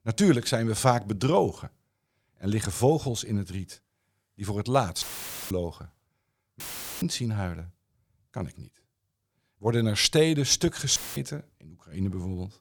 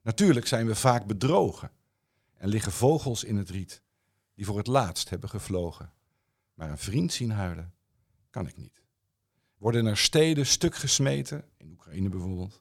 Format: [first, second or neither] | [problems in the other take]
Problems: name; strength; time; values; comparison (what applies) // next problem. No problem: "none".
second | audio cutting out; filled with static; at 5 s, at 6.5 s and at 11 s